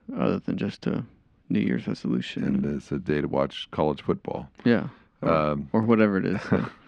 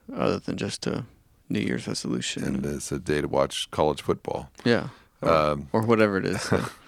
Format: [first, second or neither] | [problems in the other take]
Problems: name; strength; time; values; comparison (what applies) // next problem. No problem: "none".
second | muffled; slightly; fading above 2.5 kHz